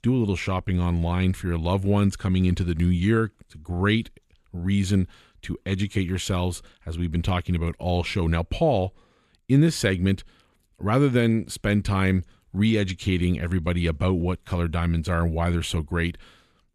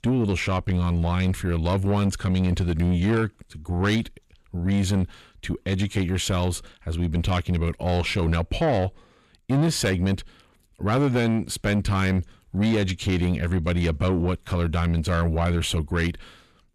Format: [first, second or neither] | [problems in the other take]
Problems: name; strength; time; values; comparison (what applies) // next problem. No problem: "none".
first | distortion; slight; 10 dB below the speech